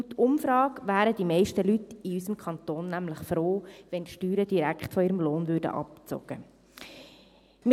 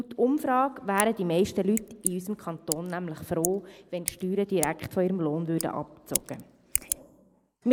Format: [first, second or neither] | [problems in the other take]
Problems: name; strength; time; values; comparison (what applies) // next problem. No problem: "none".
first | noise reduction (neural mask model Resemble Enhance denoiser)